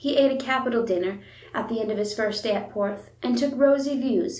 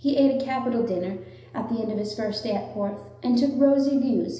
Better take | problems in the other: first | room echo; dies away in 0.9 s

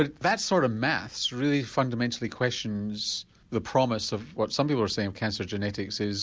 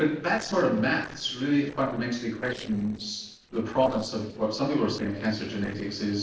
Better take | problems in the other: first | noise reduction (neural separator model SepFormer DNS4)

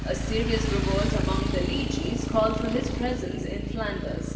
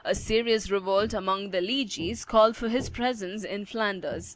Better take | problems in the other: second | background sound (Motorcycle); 1 dB above the speech // room echo; dies away in 1.1 s

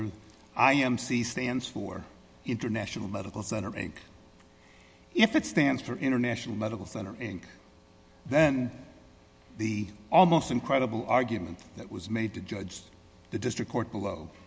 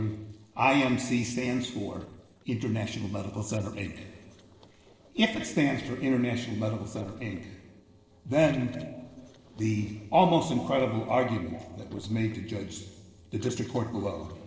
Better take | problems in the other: first | noise reduction (neural separator model SepFormer DNS4)

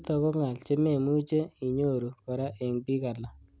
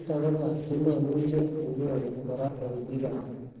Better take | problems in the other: first | noise reduction (neural separator model SepFormer DNS4)

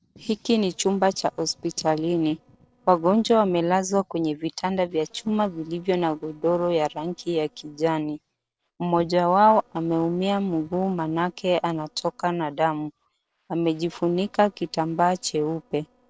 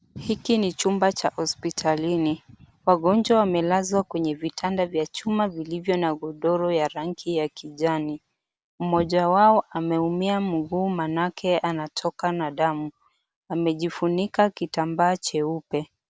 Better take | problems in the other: second | noise reduction (neural separator model SepFormer DNS4)

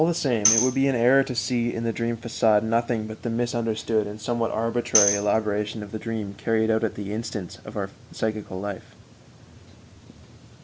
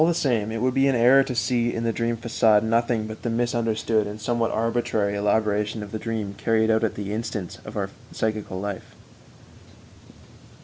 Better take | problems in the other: second | background sound (Tambourine); 3 dB below the speech

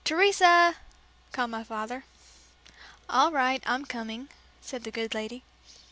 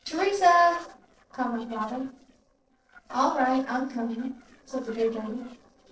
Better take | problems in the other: first | noise reduction (neural separator model SepFormer DNS4)

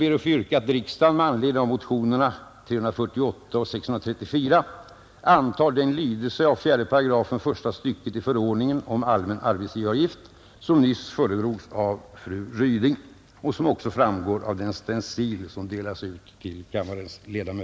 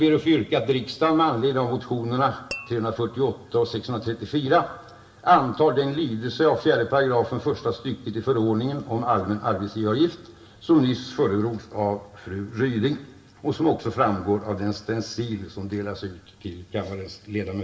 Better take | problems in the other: first | background sound (Tap / Glass); 17 dB below the speech // room echo; dies away in 0.6 s

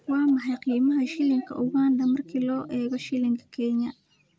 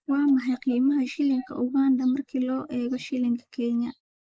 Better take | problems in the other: first | noise reduction (neural mask model Resemble Enhance denoiser)

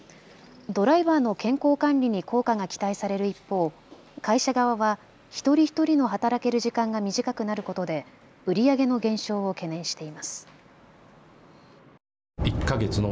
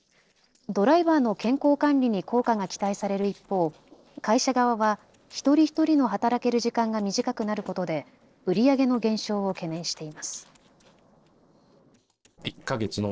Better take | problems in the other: first | noise reduction (neural separator model SepFormer DNS4)

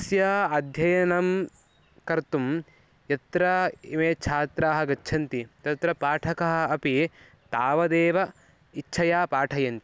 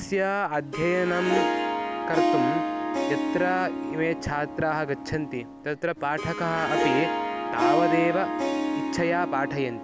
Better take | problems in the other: first | background sound (Harp); as loud as the speech

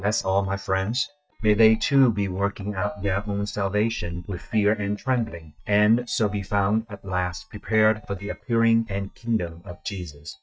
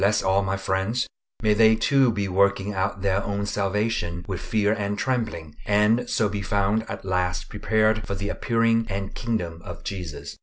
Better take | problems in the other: second | noise reduction (neural mask model DeepFilterNet 3)

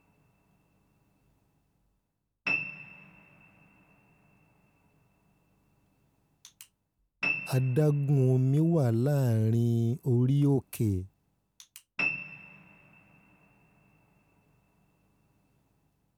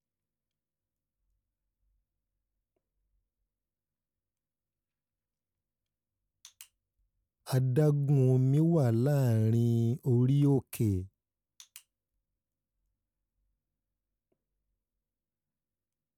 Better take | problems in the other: second | background sound (Piano); 11 dB below the speech

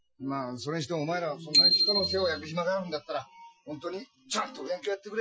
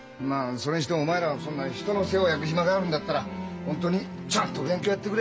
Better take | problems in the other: second | noise reduction (classical method Wiener filter)

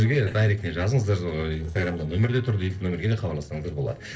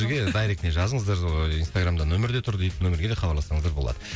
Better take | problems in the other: second | noise reduction (neural separator model SepFormer DNS4)

